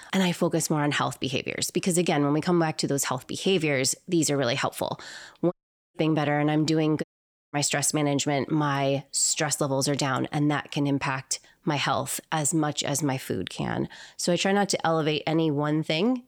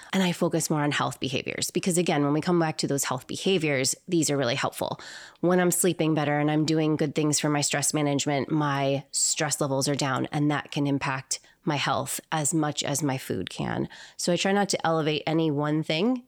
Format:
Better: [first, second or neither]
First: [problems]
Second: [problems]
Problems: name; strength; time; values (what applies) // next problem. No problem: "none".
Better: second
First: audio cutting out; at 5.5 s and at 7 s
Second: none